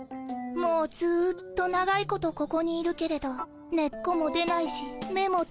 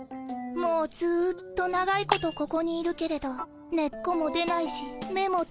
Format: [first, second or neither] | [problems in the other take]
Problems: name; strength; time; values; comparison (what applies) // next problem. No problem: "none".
first | background sound (Shatter); 11 dB below the speech